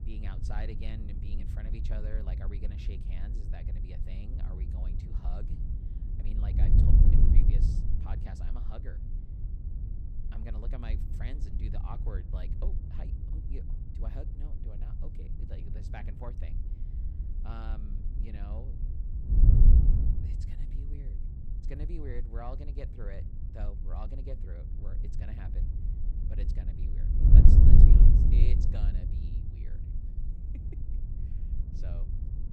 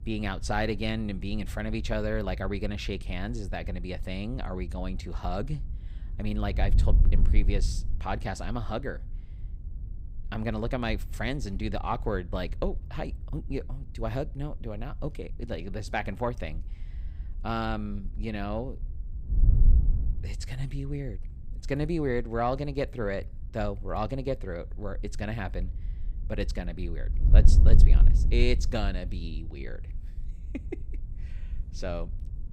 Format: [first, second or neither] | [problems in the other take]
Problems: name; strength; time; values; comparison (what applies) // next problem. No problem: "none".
second | wind noise on the microphone; heavy; 3 dB above the speech; occasional gusts in the second